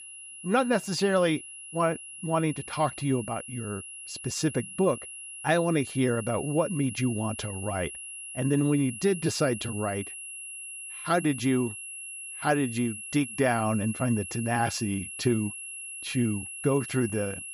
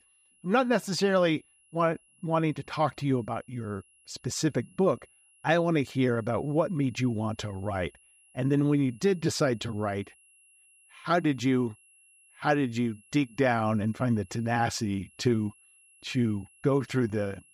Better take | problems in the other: second | high-pitched whine; loud; throughout; 2.5 kHz, 10 dB below the speech; faint in the second

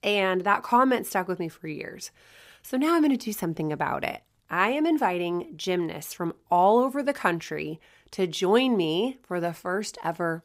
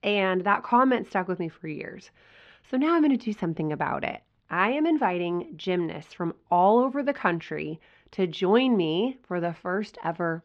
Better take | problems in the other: first | muffled; slightly; fading above 3.5 kHz

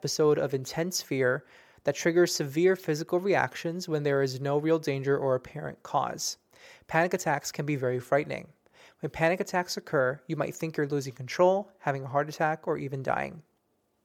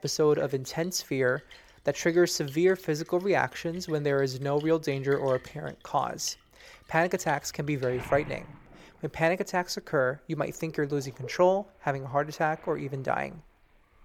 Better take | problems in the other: first | rain or running water; faint; throughout; 20 dB below the speech

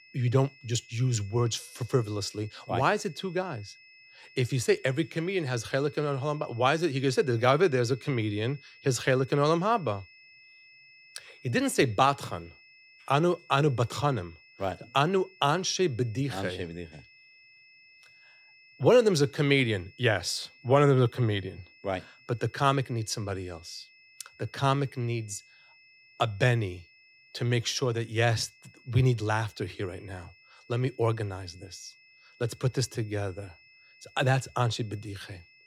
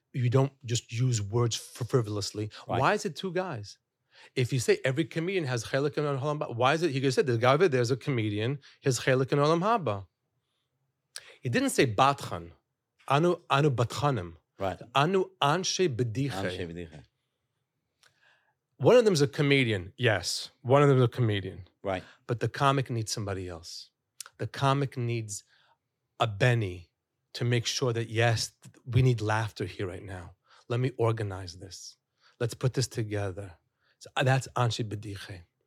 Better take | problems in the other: second | high-pitched whine; faint; throughout; 2.5 kHz, 25 dB below the speech

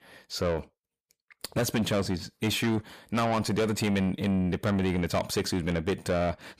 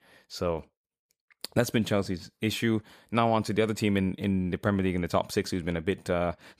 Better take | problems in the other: second | distortion; heavy; 7 dB below the speech

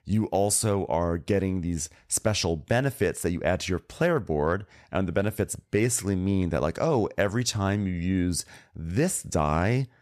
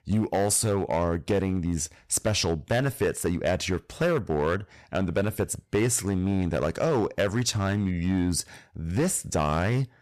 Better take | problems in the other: first | distortion; slight; 7% of the sound clipped

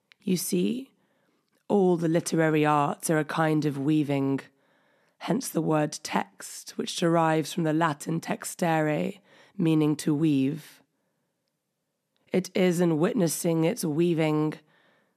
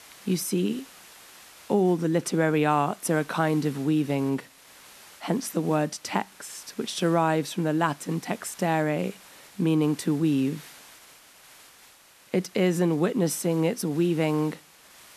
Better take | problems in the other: first | hiss; faint; throughout; 25 dB below the speech

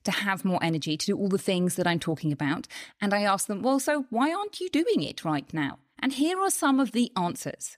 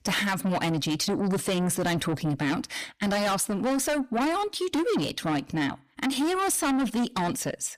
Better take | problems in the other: first | distortion; heavy; 7 dB below the speech

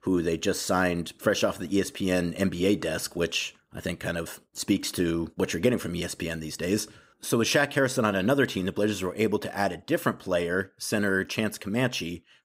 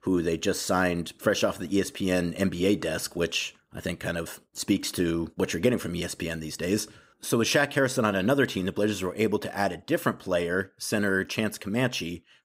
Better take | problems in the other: neither | none

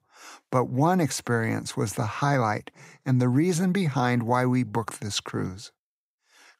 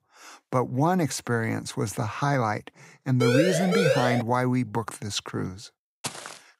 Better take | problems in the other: first | siren; loud; from 3 to 4 s; peak 3 dB above the speech // footsteps; noticeable; at 6 s; peak 8 dB below the speech

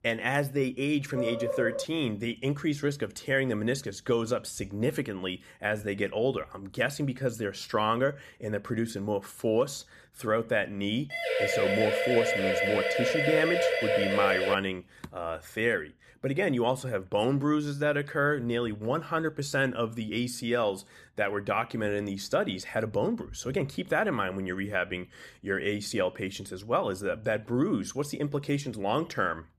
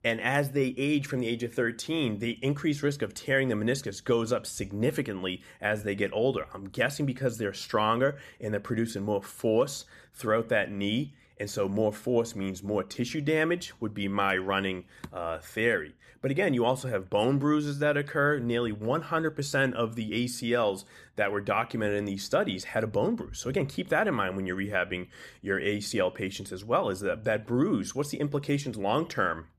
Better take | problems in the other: second | dog barking; noticeable; at 1 s; peak 2 dB below the speech // siren; loud; from 11 to 15 s; peak 4 dB above the speech

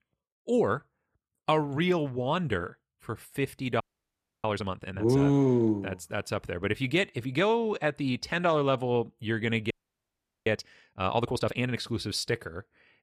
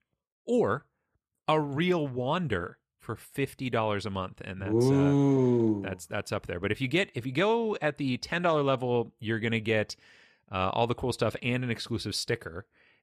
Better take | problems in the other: second | audio freezing; at 4 s for 0.5 s and at 9.5 s for 1 s

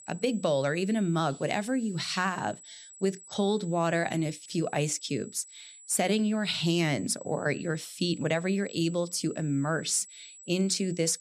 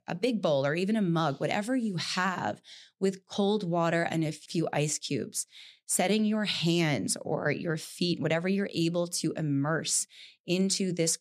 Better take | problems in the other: second | high-pitched whine; noticeable; throughout; 8 kHz, 20 dB below the speech

